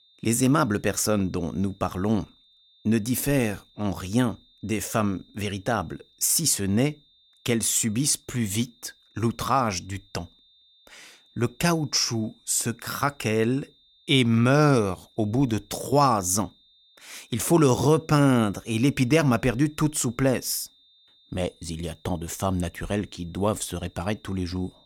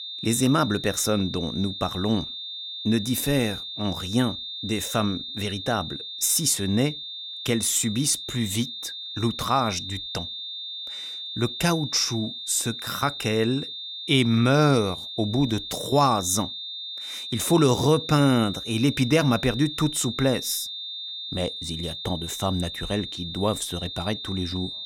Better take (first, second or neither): first